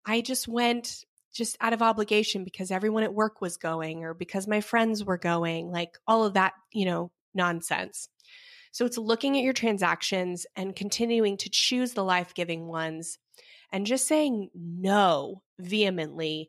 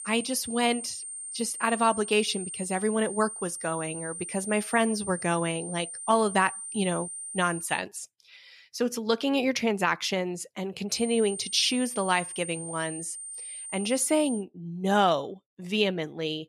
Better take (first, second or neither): first